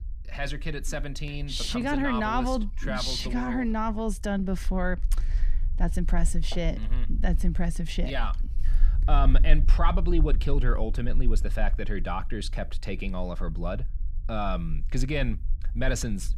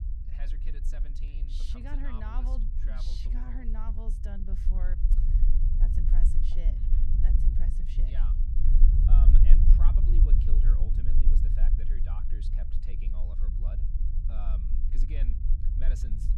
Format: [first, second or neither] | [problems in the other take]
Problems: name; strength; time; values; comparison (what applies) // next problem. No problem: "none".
first | low rumble; loud; throughout; as loud as the speech; faint in the first